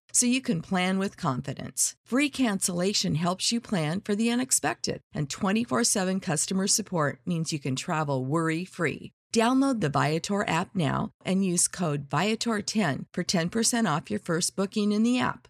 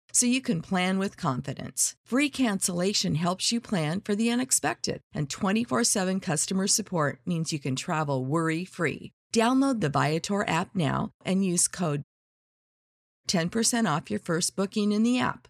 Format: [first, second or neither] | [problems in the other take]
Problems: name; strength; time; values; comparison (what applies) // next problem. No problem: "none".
first | audio cutting out; at 12 s for 1 s